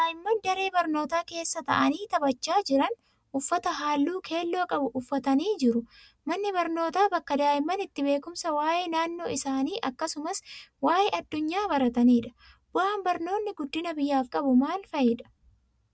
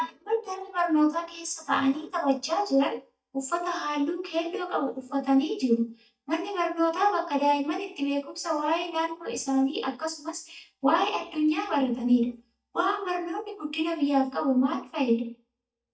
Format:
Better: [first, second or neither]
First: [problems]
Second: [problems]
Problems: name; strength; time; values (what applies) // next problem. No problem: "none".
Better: first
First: none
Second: noise reduction (neural mask model DeepFilterNet 3)